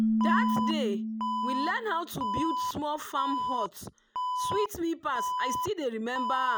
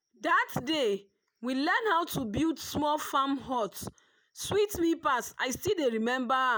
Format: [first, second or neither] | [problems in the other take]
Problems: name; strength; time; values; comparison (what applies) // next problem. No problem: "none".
second | background sound (Alarm + Keyboard (musical)); 2 dB above the speech